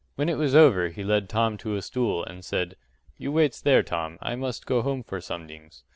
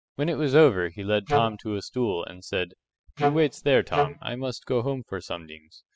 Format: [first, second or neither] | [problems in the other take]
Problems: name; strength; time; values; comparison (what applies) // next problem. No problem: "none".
first | noise reduction (classical method spectral subtraction)